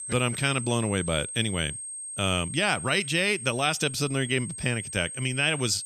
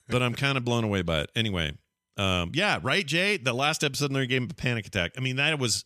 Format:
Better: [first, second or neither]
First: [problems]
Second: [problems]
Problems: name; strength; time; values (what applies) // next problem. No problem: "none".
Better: second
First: high-pitched whine; loud; throughout; 8.5 kHz, 8 dB below the speech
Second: none